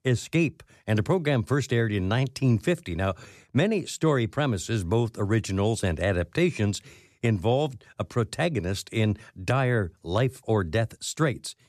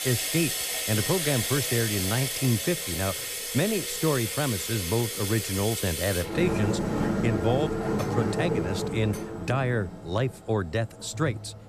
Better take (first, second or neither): first